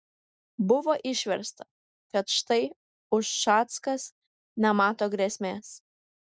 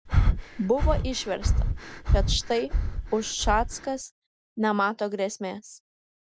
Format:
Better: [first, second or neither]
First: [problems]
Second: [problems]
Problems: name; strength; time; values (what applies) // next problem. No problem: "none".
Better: first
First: none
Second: background sound (Breathing); 4 dB above the speech